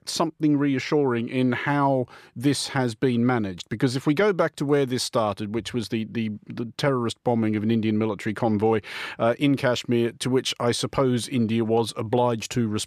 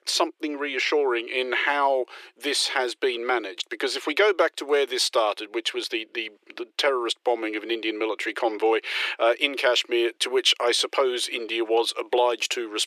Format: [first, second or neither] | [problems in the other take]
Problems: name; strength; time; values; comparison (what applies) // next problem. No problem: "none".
first | thin; very; fading below 350 Hz